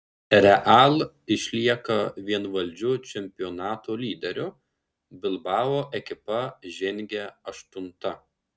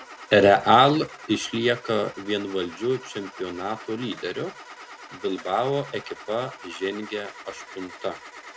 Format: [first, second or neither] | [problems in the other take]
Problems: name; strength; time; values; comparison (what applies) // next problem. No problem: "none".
first | background sound (Engine starting / Car); 17 dB below the speech